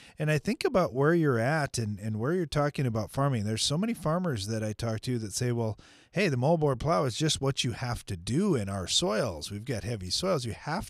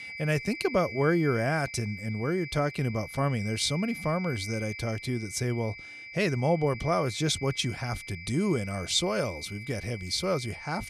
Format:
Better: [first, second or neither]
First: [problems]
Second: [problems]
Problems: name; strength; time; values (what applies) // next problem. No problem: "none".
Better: first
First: none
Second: high-pitched whine; noticeable; throughout; 2.5 kHz, 10 dB below the speech